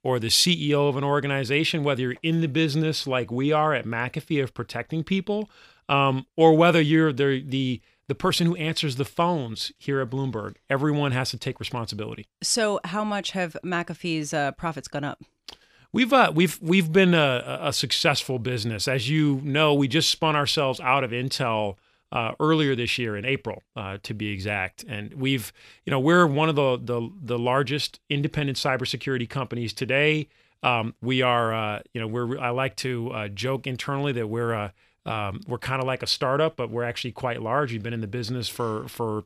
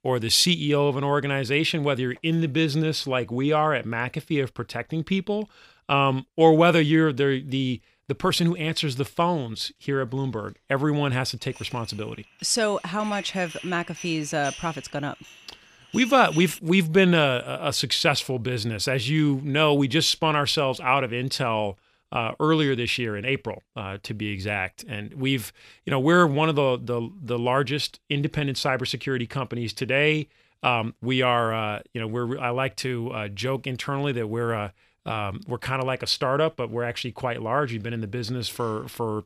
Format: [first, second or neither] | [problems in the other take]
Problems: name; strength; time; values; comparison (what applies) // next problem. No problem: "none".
first | clattering dishes; faint; from 12 to 17 s; peak 10 dB below the speech